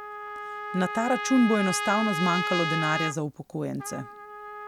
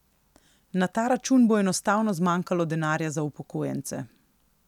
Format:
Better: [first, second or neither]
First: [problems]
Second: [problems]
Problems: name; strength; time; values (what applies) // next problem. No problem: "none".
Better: second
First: background sound (Trumpet); 5 dB below the speech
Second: none